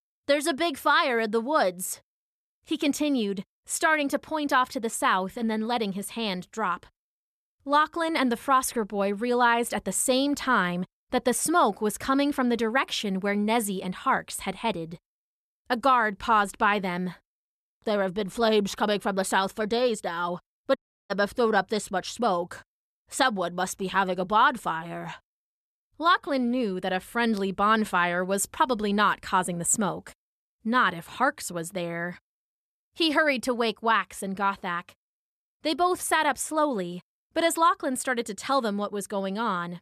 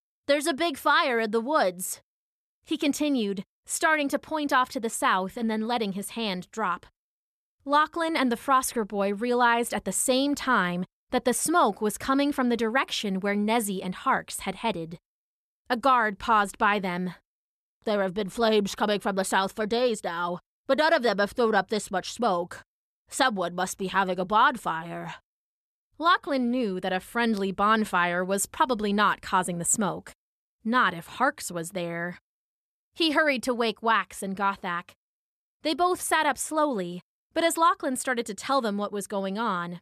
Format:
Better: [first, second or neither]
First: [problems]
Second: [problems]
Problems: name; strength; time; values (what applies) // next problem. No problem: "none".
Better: second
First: audio cutting out; at 21 s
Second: none